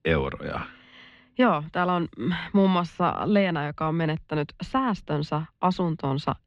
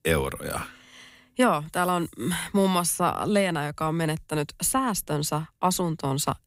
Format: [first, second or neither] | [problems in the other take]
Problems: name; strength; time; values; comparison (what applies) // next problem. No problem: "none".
second | muffled; slightly; fading above 3.5 kHz